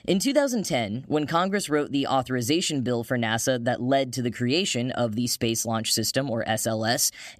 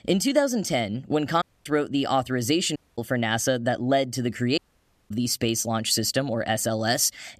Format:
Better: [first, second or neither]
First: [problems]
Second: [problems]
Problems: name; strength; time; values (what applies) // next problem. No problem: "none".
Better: first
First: none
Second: audio cutting out; at 1.5 s, at 3 s and at 4.5 s for 0.5 s